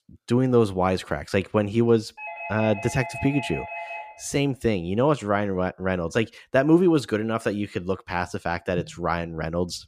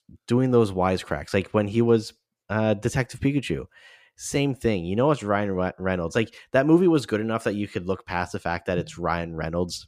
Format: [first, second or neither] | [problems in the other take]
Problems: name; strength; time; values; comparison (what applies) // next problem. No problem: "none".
second | doorbell; noticeable; from 2 to 4 s; peak 9 dB below the speech